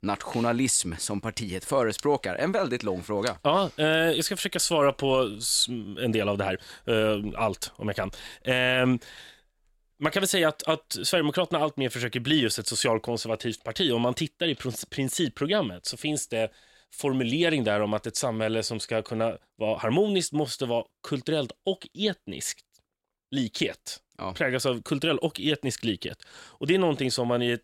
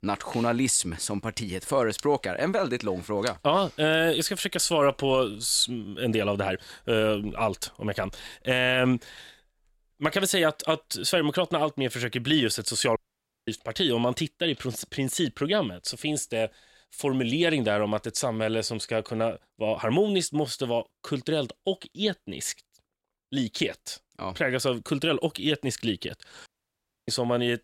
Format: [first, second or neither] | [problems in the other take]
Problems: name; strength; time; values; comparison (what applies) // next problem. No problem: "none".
first | audio cutting out; at 13 s for 0.5 s and at 26 s for 0.5 s